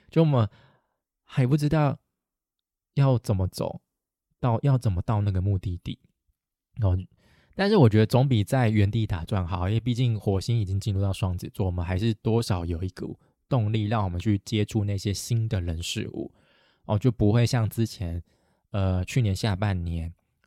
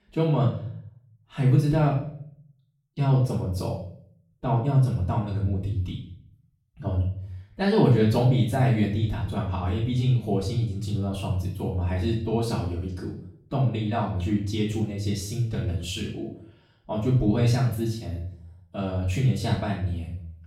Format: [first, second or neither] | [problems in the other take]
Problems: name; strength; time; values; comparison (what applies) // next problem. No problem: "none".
first | room echo; noticeable; dies away in 0.5 s // off-mic speech; far